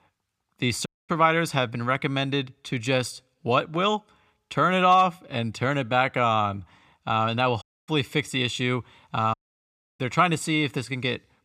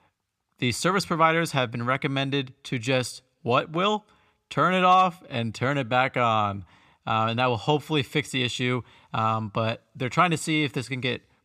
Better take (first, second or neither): second